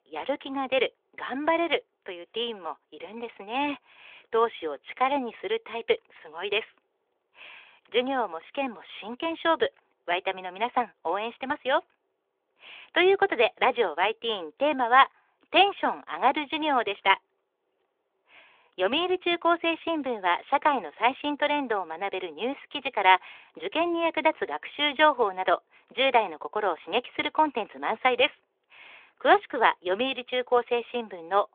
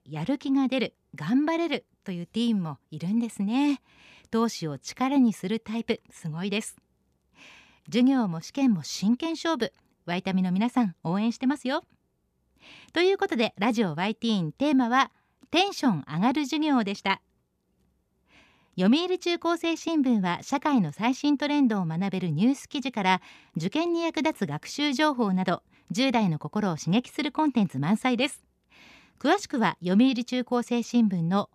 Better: second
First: phone-call audio; nothing above 3.5 kHz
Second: none

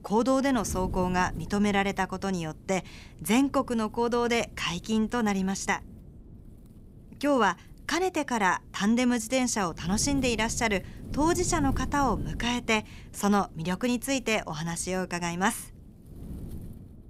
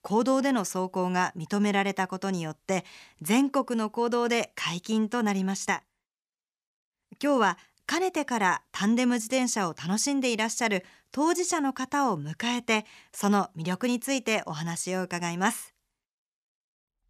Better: second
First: wind noise on the microphone; occasional gusts; 25 dB below the speech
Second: none

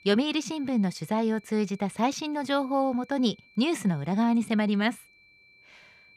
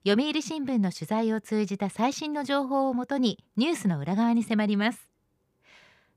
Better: second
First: high-pitched whine; faint; throughout; 2.5 kHz, 30 dB below the speech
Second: none

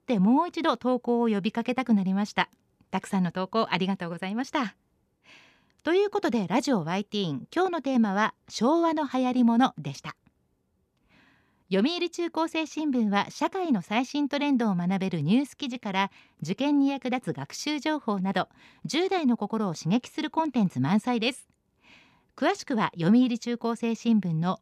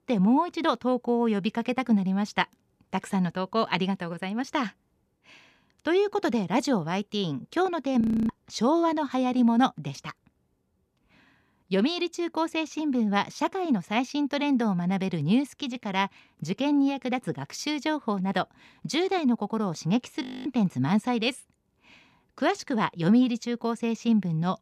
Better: first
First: none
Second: audio freezing; at 8 s and at 20 s

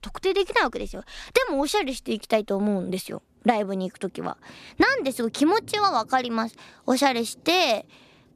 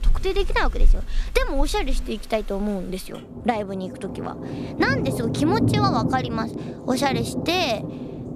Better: first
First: rain or running water; faint; throughout; 30 dB below the speech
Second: rain or running water; loud; throughout; 2 dB below the speech

